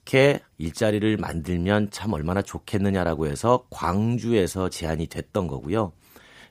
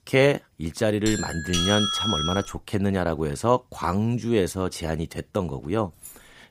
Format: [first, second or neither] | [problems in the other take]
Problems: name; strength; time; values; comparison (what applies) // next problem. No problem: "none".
first | doorbell; loud; from 1 to 2.5 s; peak 3 dB above the speech // jangling keys; faint; at 6 s; peak 20 dB below the speech